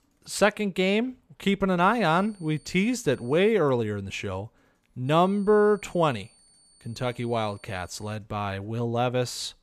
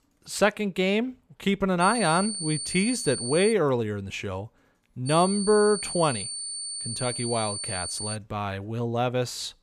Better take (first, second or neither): first